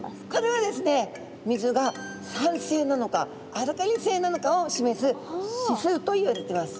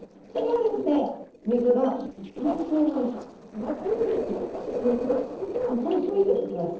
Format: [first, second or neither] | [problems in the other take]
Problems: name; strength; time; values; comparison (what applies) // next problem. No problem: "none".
first | noise reduction (neural separator model SepFormer DNS4)